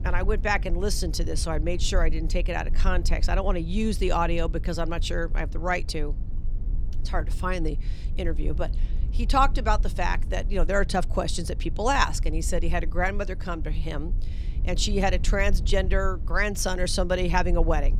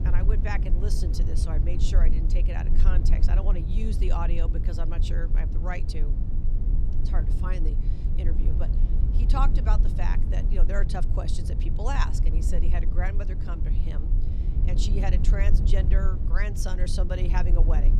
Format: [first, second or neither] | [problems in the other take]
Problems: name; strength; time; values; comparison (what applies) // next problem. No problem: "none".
first | low rumble; loud; throughout; 6 dB below the speech; faint in the first